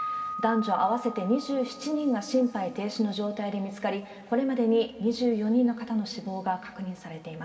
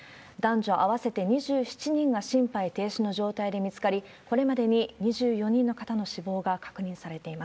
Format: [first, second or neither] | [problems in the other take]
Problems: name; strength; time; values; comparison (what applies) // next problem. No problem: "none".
second | background sound (Piano); 15 dB below the speech // room echo; dies away in 2.3 s